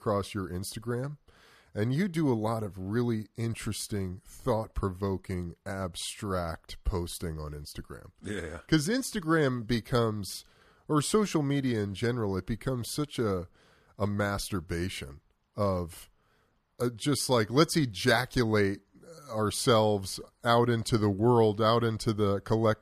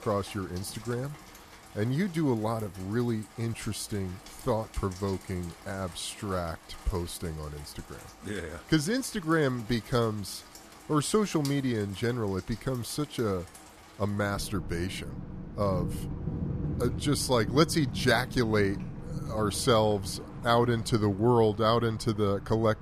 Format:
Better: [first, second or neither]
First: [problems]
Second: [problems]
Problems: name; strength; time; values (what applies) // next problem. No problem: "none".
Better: first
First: none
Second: rain or running water; noticeable; throughout; 15 dB below the speech